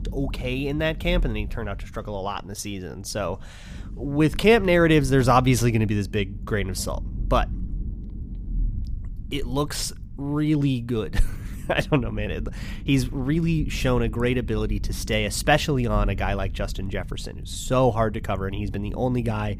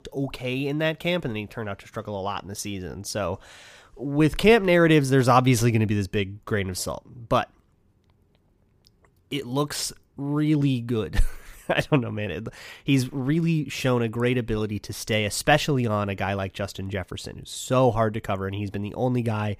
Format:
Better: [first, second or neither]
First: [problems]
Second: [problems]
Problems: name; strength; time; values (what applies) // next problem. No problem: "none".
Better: second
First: low rumble; faint; throughout; 25 dB below the speech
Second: none